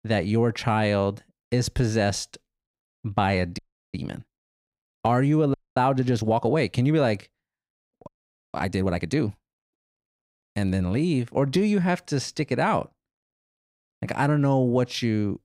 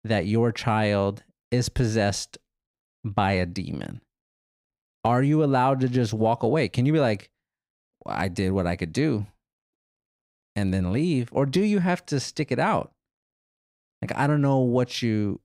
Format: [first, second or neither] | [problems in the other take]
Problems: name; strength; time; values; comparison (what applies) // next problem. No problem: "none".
second | audio freezing; at 3.5 s, at 5.5 s and at 8 s